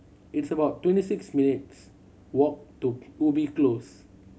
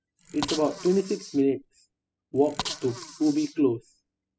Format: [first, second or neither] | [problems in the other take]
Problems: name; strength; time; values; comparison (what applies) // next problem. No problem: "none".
first | noise reduction (classical method spectral subtraction)